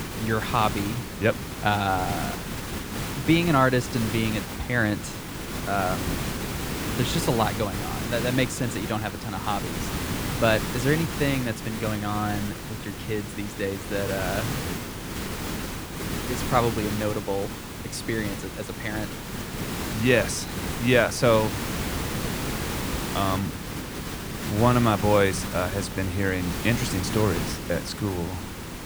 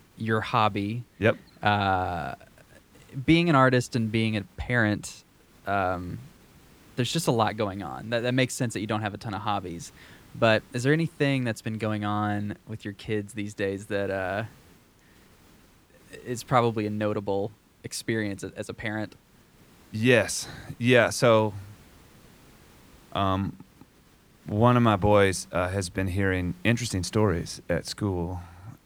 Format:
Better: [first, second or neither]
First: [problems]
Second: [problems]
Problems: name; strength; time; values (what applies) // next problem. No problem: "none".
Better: second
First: hiss; loud; throughout; 5 dB below the speech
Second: hiss; faint; throughout; 30 dB below the speech